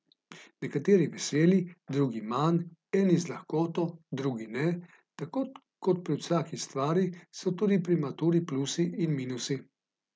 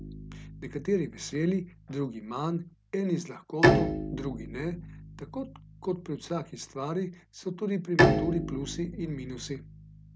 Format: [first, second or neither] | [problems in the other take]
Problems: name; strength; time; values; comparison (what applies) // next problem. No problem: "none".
first | background sound (Bowed string instrument); 2 dB above the speech